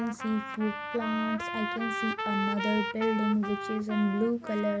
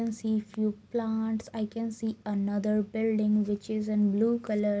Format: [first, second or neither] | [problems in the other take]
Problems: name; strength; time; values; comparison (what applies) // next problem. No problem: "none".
second | background sound (Trumpet); 5 dB below the speech